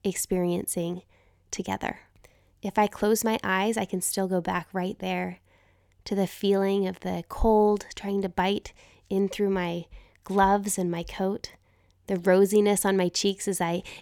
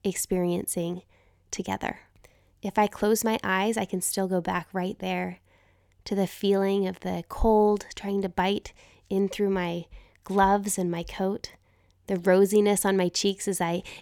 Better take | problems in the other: neither | none

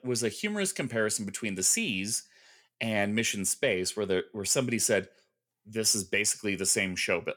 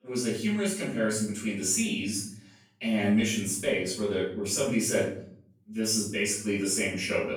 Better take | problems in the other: first | off-mic speech; far // room echo; noticeable; dies away in 0.6 s

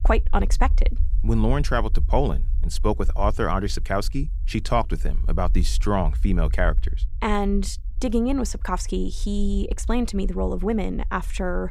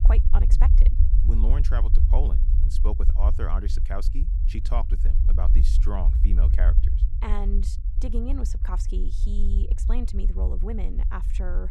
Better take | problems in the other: first | low rumble; loud; throughout; 7 dB below the speech; faint in the first

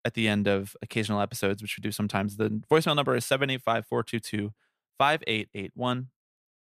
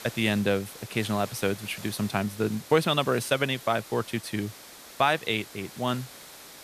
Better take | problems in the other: first | hiss; noticeable; throughout; 15 dB below the speech

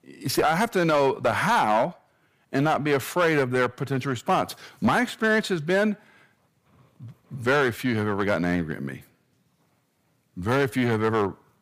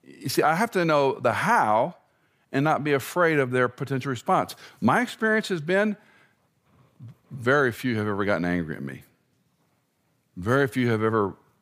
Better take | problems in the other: second | distortion; slight; 5% of the sound clipped

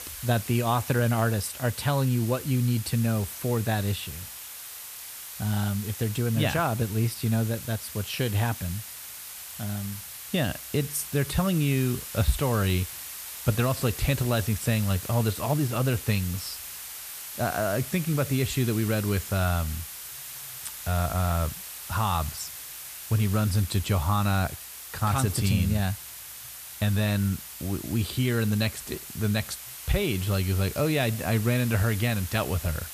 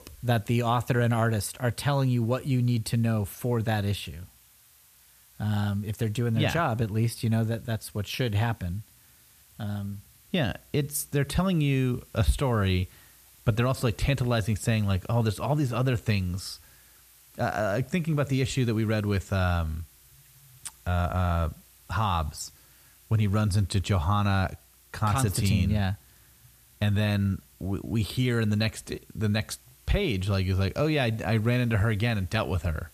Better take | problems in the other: second | hiss; loud; throughout; 10 dB below the speech; faint in the second

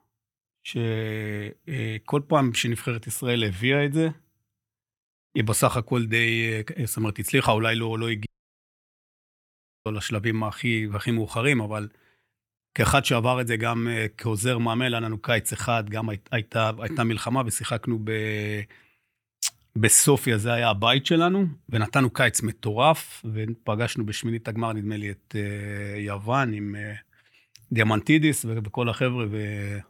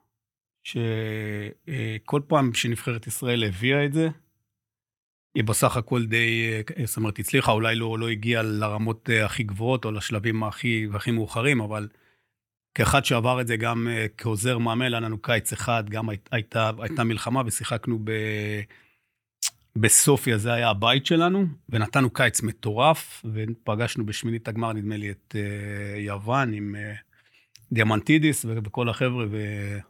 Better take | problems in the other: second | audio cutting out; at 8.5 s for 1.5 s

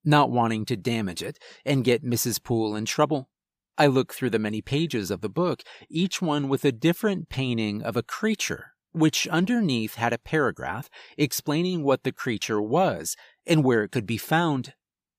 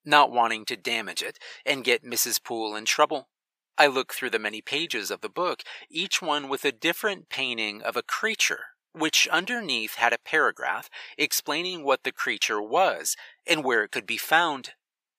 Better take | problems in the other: first | thin; very; fading below 600 Hz

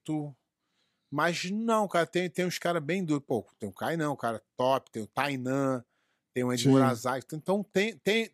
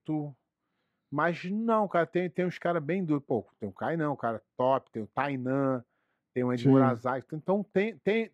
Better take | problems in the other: first | muffled; very; fading above 3.5 kHz

